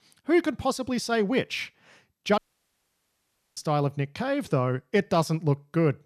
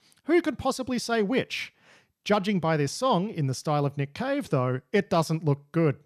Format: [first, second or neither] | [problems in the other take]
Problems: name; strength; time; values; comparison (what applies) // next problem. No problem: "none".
second | audio cutting out; at 2.5 s for 1 s